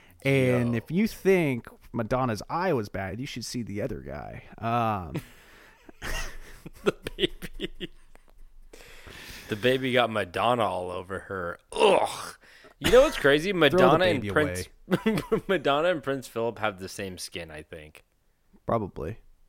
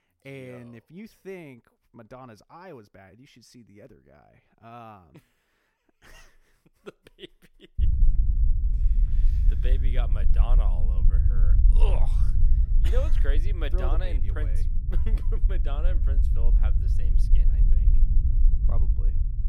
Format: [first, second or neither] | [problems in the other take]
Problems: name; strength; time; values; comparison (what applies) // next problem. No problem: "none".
first | low rumble; loud; from 8 s on; 5 dB below the speech